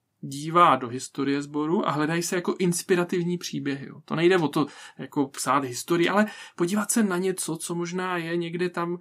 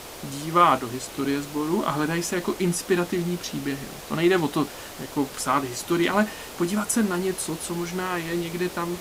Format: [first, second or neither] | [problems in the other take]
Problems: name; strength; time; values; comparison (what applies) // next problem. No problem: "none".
first | hiss; noticeable; throughout; 15 dB below the speech